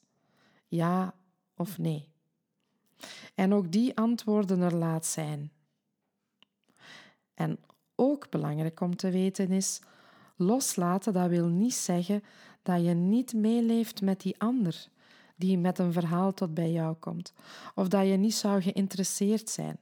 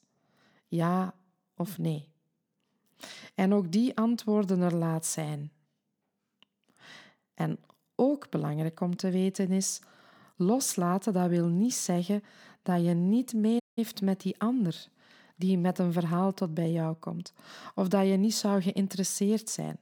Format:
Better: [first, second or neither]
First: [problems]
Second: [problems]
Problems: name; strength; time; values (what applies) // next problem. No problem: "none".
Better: first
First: none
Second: audio cutting out; at 14 s